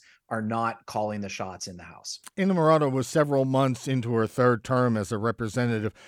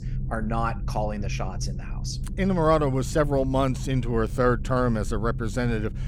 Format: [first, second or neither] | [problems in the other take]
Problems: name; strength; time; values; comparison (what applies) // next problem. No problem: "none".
first | low rumble; noticeable; throughout; 20 dB below the speech